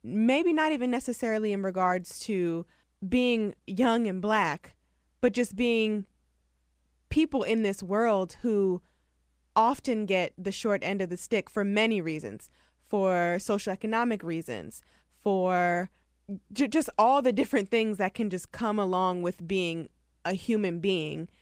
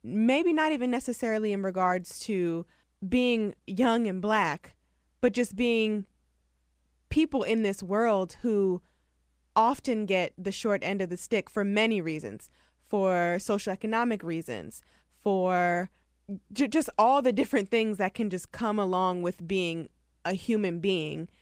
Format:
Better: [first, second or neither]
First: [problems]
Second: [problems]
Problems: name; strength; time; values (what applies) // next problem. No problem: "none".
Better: neither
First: garbled, watery; slightly; nothing above 15.5 kHz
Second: garbled, watery; slightly; nothing above 15.5 kHz